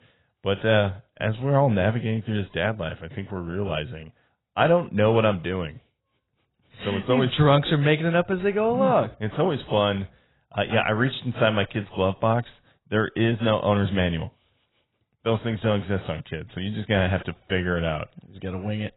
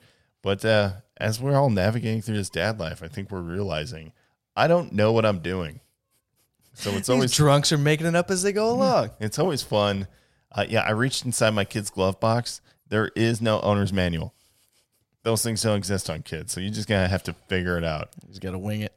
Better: second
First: garbled, watery; badly; nothing above 4 kHz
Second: none

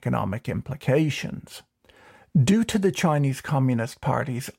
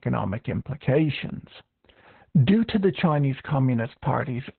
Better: first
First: none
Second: garbled, watery; badly; nothing above 4 kHz

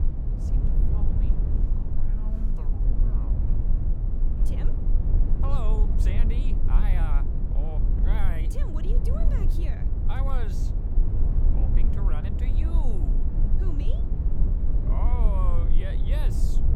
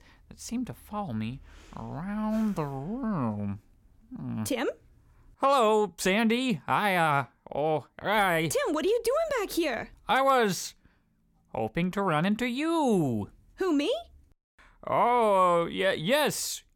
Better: second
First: low rumble; loud; throughout; 1 dB below the speech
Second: none

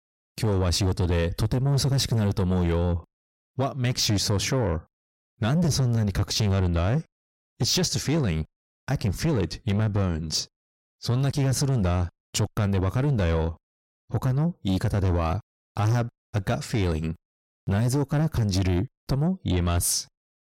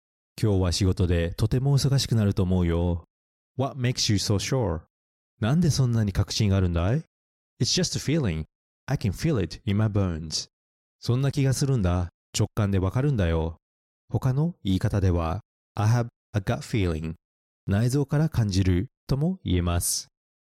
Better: second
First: distortion; slight; 10 dB below the speech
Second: none

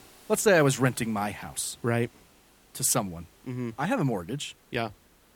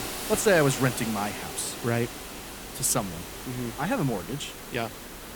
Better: first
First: hiss; faint; throughout; 30 dB below the speech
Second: hiss; loud; throughout; 8 dB below the speech

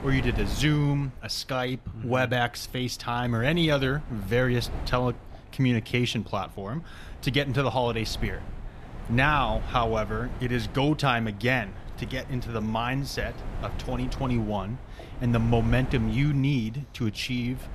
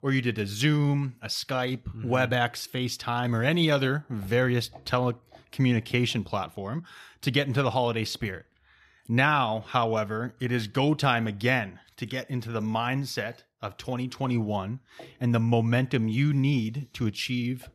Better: second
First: wind noise on the microphone; occasional gusts; 15 dB below the speech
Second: none

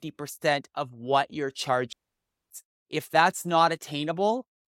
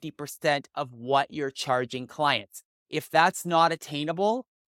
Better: second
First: audio cutting out; at 2 s for 0.5 s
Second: none

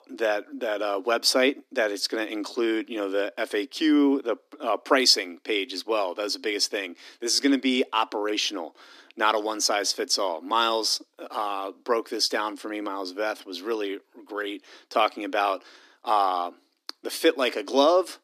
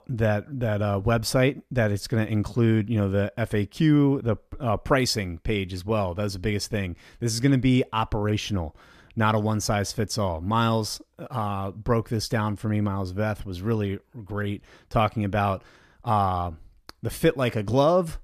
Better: second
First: thin; somewhat; fading below 250 Hz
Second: none

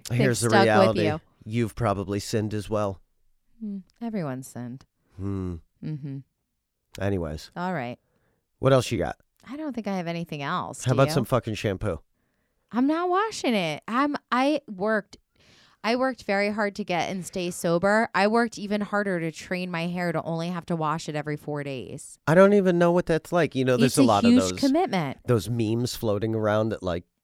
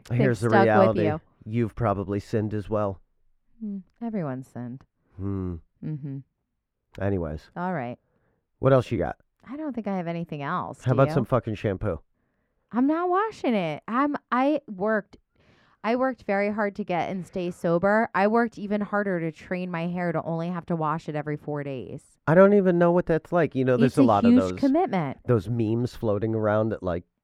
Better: first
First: none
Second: muffled; slightly; fading above 3 kHz

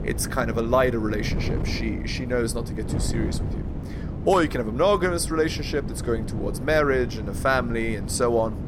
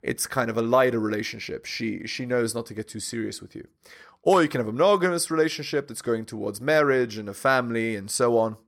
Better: second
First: wind noise on the microphone; occasional gusts; 15 dB below the speech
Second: none

